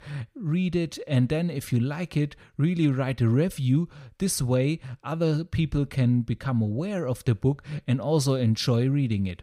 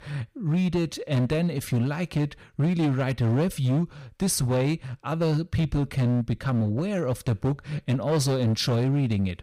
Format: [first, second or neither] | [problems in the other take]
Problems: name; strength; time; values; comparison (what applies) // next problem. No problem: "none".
first | distortion; slight; 13% of the sound clipped